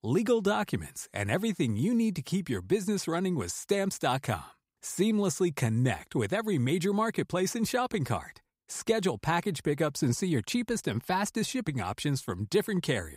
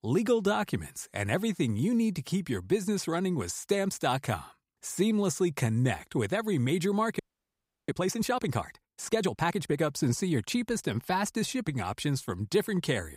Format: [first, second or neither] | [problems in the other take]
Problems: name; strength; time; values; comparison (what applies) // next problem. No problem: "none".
first | audio freezing; at 7 s for 0.5 s